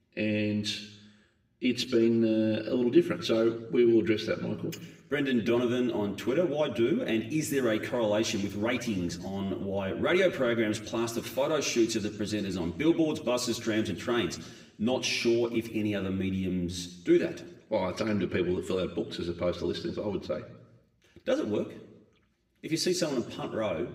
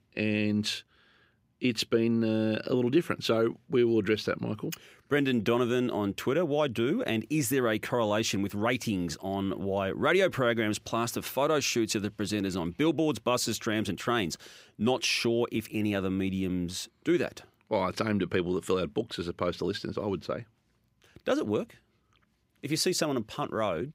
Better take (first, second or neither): second